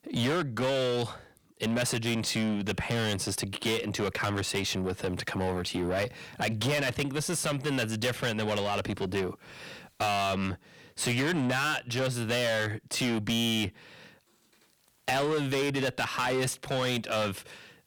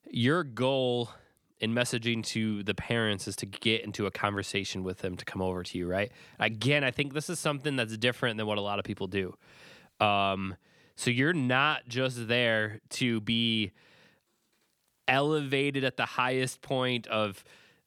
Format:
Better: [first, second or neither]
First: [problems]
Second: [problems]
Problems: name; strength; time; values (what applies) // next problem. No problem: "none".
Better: second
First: distortion; heavy; 5 dB below the speech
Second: none